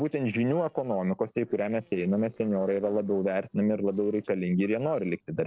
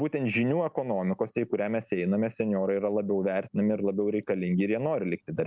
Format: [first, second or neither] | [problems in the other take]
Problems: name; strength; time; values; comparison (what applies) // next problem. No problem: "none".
second | noise reduction (neural separator model SepFormer DNS4)